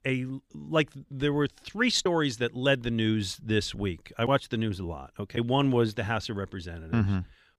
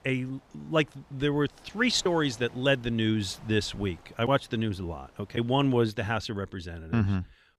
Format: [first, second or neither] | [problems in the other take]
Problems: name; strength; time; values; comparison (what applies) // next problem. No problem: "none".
first | wind noise on the microphone; occasional gusts; until 5.5 s; 25 dB below the speech